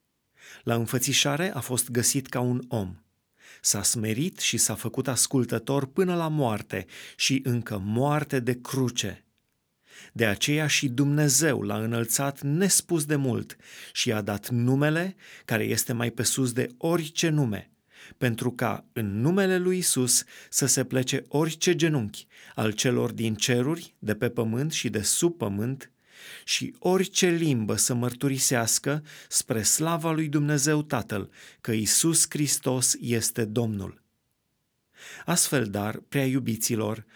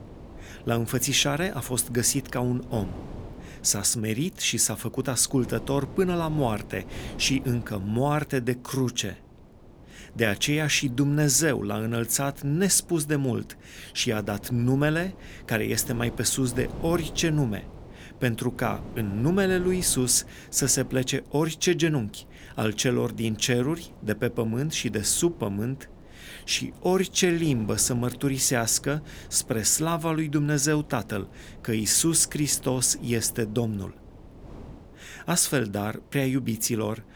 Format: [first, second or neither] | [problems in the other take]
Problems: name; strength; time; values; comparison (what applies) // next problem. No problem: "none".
first | wind noise on the microphone; occasional gusts; 20 dB below the speech